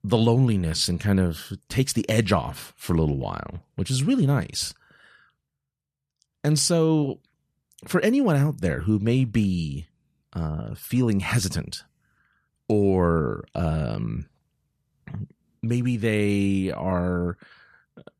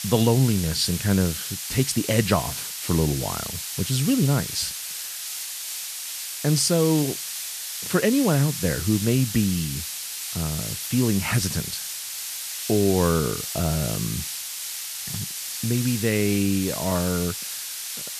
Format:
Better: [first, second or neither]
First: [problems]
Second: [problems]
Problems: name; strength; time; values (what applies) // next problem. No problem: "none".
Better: first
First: none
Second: hiss; loud; throughout; 6 dB below the speech